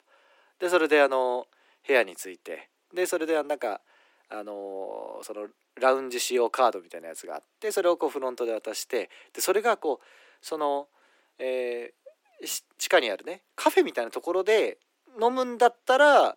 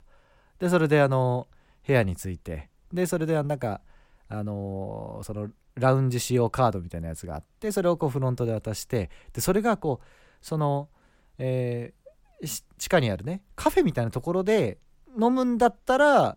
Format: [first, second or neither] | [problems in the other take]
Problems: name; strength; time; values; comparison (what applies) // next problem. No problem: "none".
second | thin; very; fading below 300 Hz